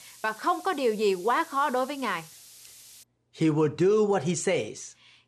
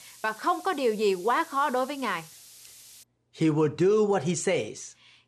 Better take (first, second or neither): neither